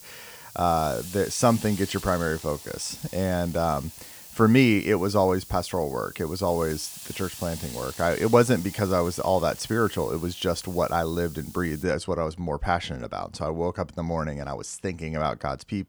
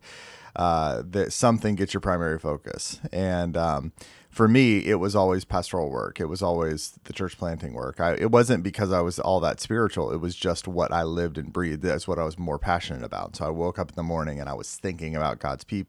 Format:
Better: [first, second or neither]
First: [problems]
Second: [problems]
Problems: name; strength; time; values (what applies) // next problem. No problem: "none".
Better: second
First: hiss; noticeable; until 12 s; 15 dB below the speech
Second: none